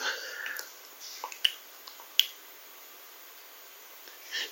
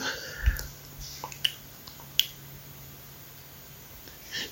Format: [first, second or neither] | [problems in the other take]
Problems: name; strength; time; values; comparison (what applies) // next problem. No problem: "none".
second | thin; very; fading below 350 Hz